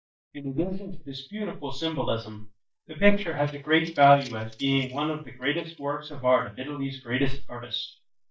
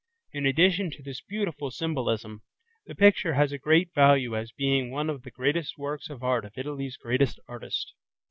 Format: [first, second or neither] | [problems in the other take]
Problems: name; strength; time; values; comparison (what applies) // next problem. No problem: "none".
second | noise reduction (neural mask model DeepFilterNet 3)